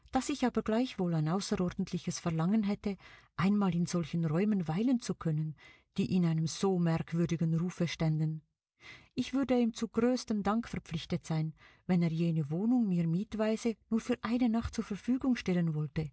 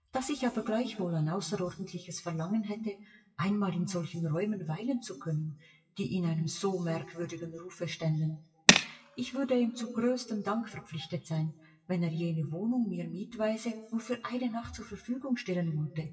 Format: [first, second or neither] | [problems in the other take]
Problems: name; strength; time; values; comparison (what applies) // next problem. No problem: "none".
first | noise reduction (classical method WPE with log-MMSE)